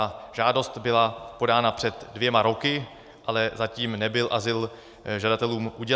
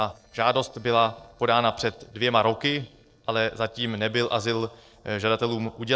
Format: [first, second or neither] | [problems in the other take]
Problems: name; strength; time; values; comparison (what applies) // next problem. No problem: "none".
first | noise reduction (neural separator model SepFormer DNS4)